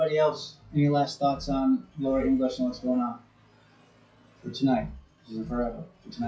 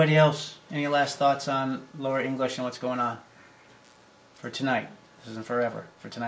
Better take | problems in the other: second | noise reduction (classical method WPE with log-MMSE)

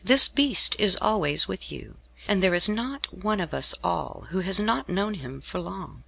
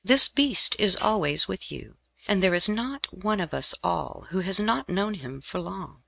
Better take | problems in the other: first | noise reduction (neural mask model RNNoise)

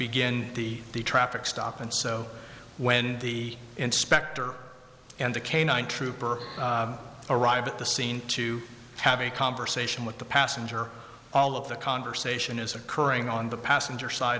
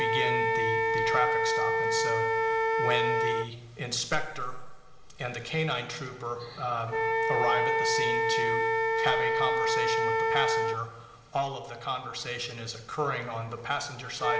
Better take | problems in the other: first | background sound (Wind instrument, woodwind instrument); 4 dB above the speech // room echo; dies away in 1.2 s

